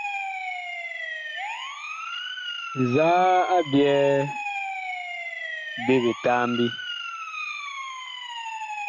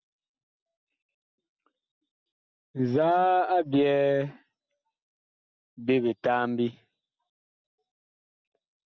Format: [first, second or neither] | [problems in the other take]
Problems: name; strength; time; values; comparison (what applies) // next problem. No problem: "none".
second | background sound (Siren); 6 dB below the speech